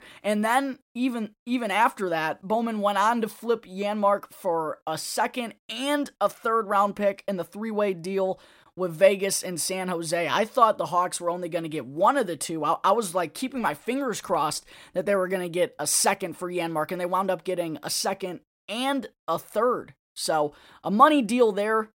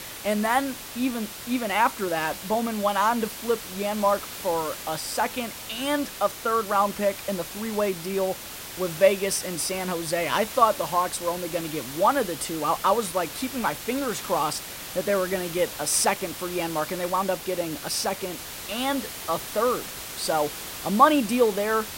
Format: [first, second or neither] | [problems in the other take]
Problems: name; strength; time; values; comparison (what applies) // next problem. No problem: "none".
first | hiss; loud; throughout; 9 dB below the speech